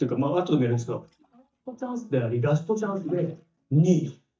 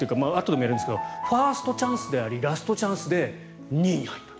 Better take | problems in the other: second | noise reduction (neural mask model DeepFilterNet 3)

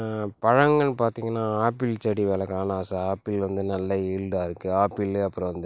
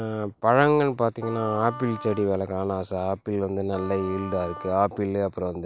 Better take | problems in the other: first | background sound (Wind instrument, woodwind instrument); 16 dB below the speech

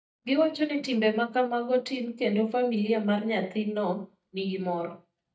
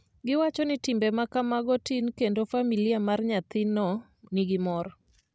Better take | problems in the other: second | noise reduction (neural mask model DeepFilterNet 3)

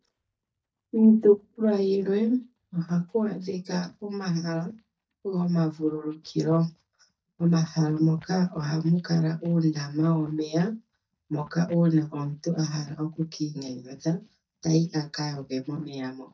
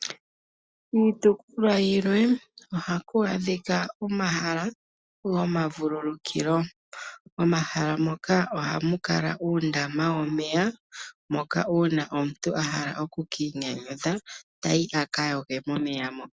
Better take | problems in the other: second | noise reduction (neural mask model DeepFilterNet 3)

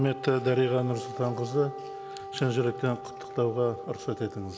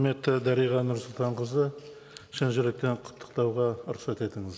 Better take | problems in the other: second | background sound (Wind instrument, woodwind instrument); 12 dB below the speech

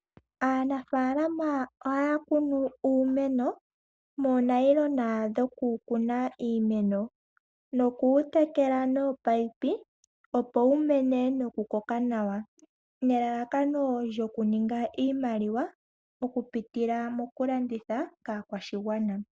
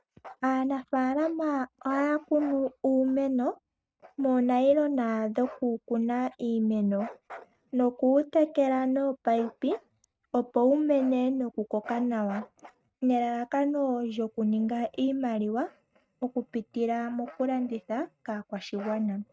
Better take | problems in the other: first | noise reduction (neural mask model RNNoise)

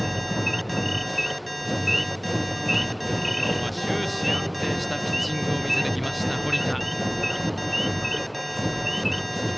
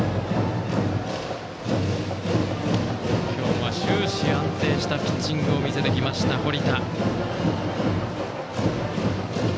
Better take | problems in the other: second | background sound (Alarm + Idling / Wild animals); 1 dB below the speech

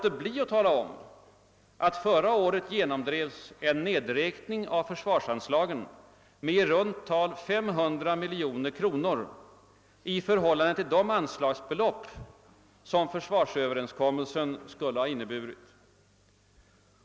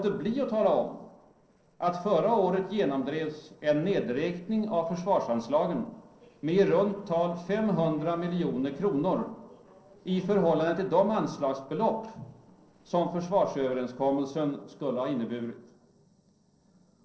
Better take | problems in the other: first | noise reduction (neural separator model SepFormer DNS4)

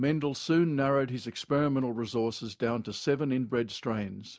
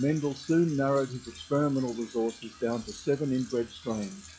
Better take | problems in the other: first | noise reduction (classical method log-MMSE)

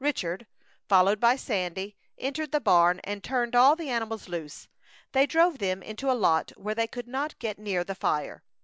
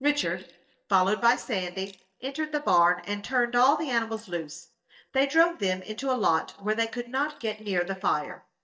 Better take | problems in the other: first | noise reduction (neural mask model DeepFilterNet 3)

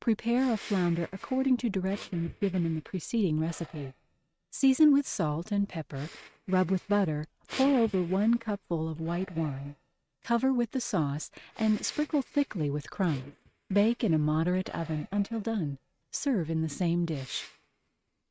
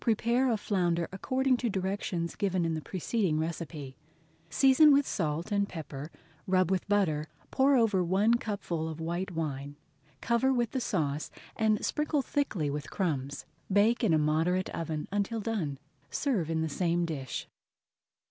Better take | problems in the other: second | noise reduction (neural mask model RNNoise)

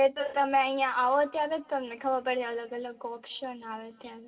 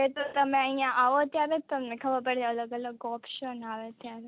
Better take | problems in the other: second | room echo; dies away in 0.1 s

